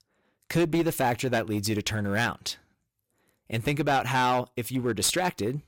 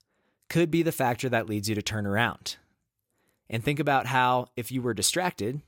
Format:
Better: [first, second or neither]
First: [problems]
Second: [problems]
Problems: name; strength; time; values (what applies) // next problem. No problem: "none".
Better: second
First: distortion; slight; 6% of the sound clipped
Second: none